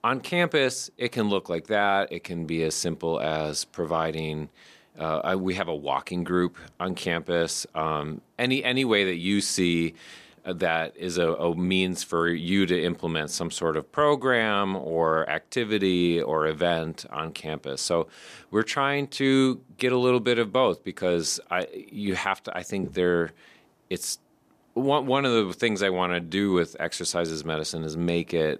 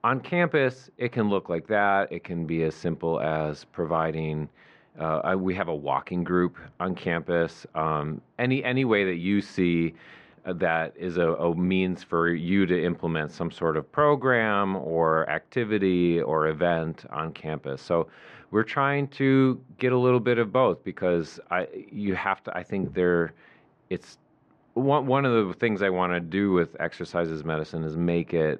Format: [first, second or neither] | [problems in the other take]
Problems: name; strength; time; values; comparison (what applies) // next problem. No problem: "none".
first | muffled; very; fading above 2 kHz